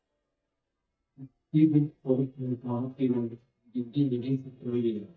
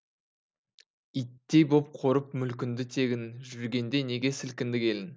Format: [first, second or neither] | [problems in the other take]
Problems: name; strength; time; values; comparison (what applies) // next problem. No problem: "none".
second | noise reduction (neural mask model DeepFilterNet 3)